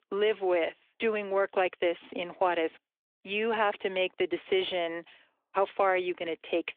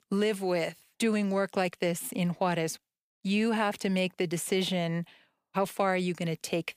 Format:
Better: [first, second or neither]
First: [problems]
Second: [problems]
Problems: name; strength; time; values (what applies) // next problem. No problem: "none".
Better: second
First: phone-call audio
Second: none